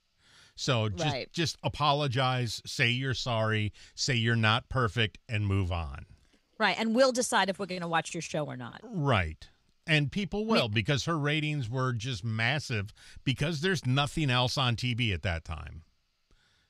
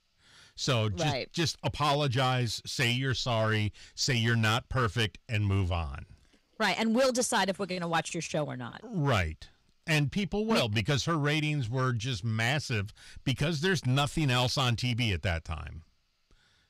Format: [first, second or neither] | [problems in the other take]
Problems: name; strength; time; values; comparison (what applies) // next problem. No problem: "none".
first | distortion; slight; 5% of the sound clipped